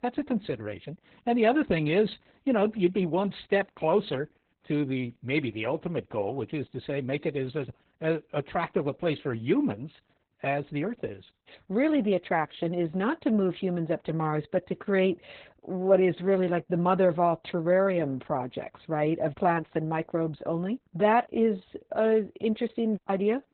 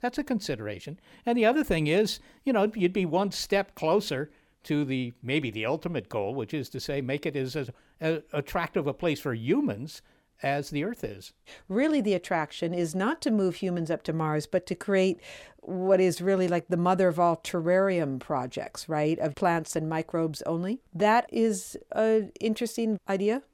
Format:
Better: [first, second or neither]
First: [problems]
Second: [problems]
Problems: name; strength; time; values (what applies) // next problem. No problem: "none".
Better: second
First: garbled, watery; badly; nothing above 4 kHz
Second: none